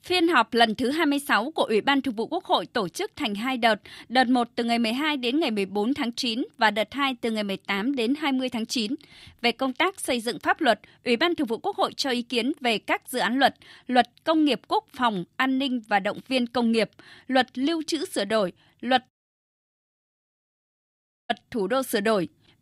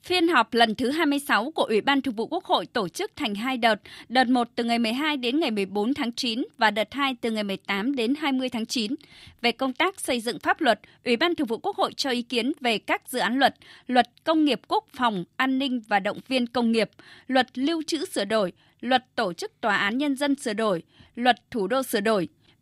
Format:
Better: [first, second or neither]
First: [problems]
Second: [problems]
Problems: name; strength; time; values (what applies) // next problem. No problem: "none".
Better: second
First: audio cutting out; at 19 s for 2 s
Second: none